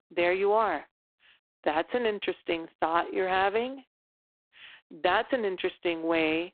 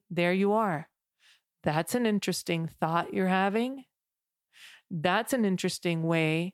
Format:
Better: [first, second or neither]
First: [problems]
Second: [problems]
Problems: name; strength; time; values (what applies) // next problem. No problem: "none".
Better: second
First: phone-call audio; poor line; nothing above 4 kHz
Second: none